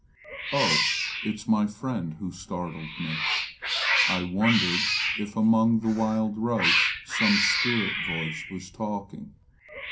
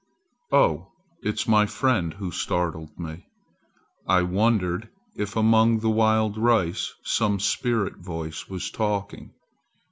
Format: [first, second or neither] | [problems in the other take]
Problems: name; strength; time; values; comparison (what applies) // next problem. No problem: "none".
second | background sound (Cat); 1 dB below the speech // room echo; dies away in 0.3 s